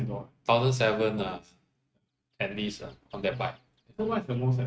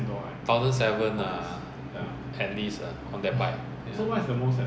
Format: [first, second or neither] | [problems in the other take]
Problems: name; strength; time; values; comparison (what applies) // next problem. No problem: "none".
second | noise reduction (neural mask model RNNoise)